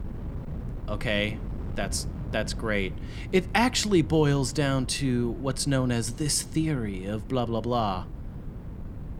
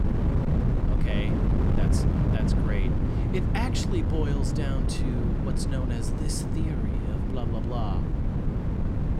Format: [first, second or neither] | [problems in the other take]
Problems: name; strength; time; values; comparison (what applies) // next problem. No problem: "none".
first | wind noise on the microphone; heavy; 2 dB above the speech; occasional gusts in the first